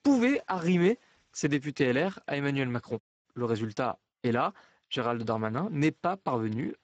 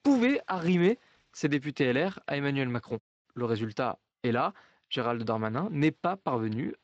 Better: second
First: garbled, watery; badly; nothing above 7.5 kHz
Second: garbled, watery; slightly

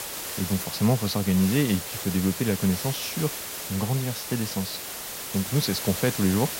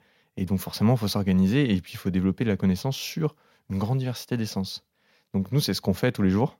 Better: second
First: hiss; loud; throughout; 5 dB below the speech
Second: none

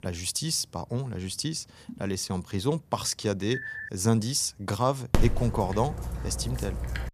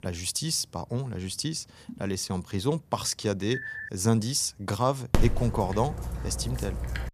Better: neither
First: phone ringing; noticeable; at 3.5 s; peak 6 dB below the speech // dog barking; loud; from 5 s on; peak 1 dB above the speech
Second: phone ringing; noticeable; at 3.5 s; peak 6 dB below the speech // dog barking; loud; from 5 s on; peak 1 dB above the speech

